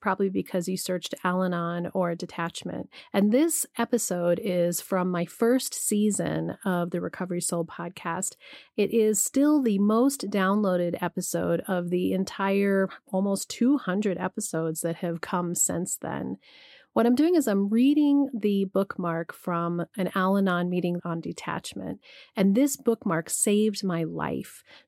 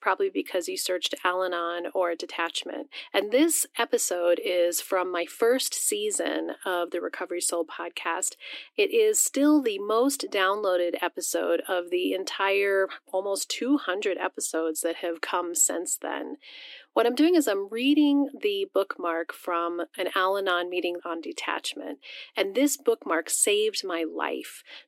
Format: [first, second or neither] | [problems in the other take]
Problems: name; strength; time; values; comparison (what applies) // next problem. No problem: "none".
first | thin; somewhat; fading below 300 Hz